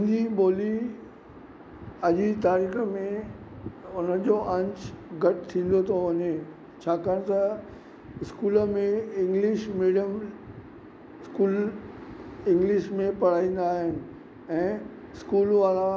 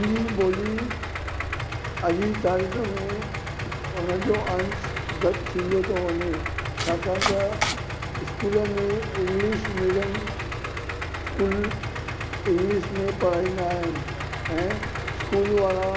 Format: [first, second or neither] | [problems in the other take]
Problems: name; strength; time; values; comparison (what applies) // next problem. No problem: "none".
first | background sound (Domestic sounds, home sounds + Idling); 3 dB below the speech